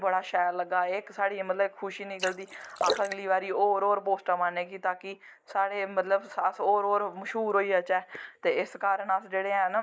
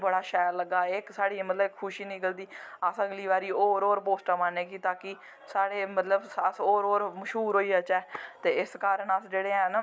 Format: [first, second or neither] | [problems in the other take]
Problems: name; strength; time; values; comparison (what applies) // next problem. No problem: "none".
second | noise reduction (neural mask model Resemble Enhance denoiser)